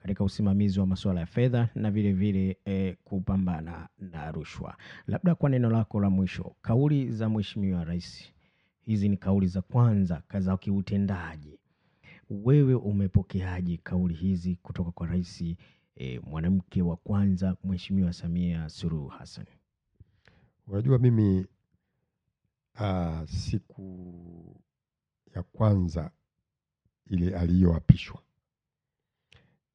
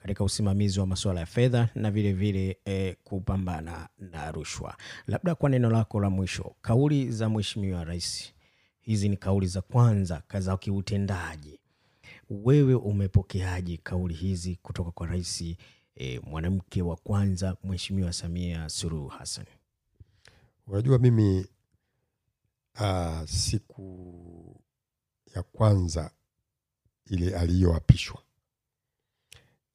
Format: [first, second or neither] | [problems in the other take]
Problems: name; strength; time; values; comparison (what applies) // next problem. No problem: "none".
second | muffled; slightly; fading above 3 kHz